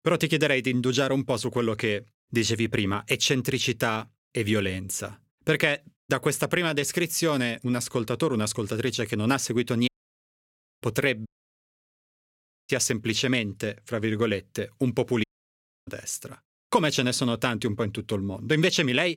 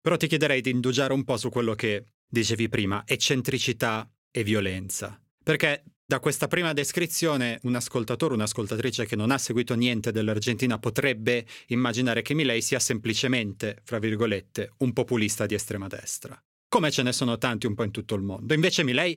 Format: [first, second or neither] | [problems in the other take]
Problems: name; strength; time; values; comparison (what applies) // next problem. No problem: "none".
second | audio cutting out; at 10 s for 1 s, at 11 s for 1.5 s and at 15 s for 0.5 s